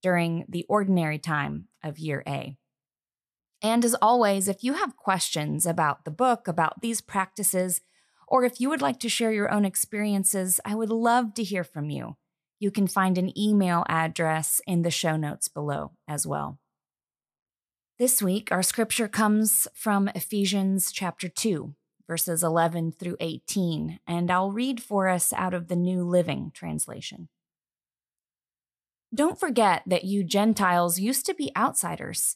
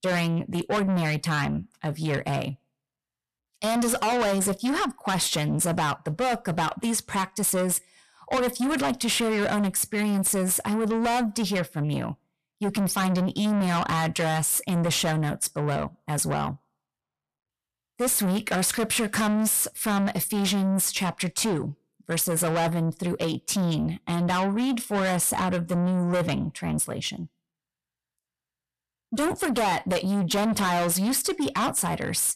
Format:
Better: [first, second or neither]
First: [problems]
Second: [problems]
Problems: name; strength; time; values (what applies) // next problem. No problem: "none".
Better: first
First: none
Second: distortion; heavy; 6 dB below the speech